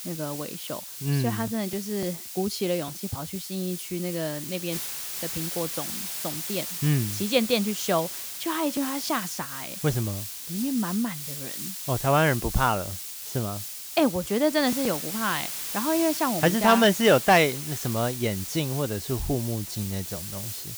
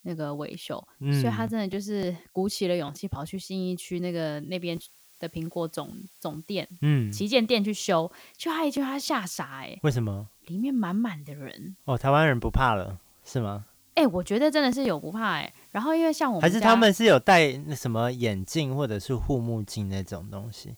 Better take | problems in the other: second | hiss; loud; throughout; 6 dB below the speech; faint in the second

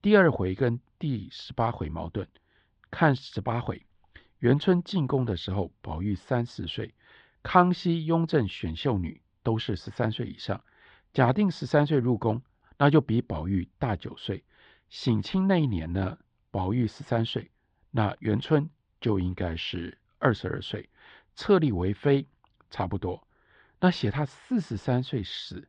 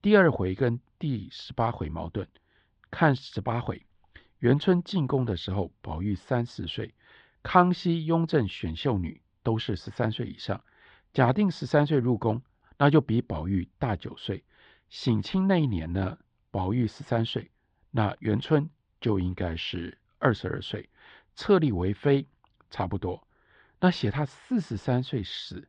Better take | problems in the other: neither | muffled; slightly; fading above 3.5 kHz; the same in both

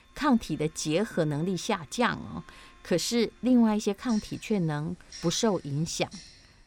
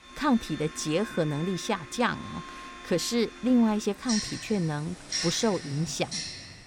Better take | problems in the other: first | household noises; loud; throughout; 9 dB below the speech; faint in the first

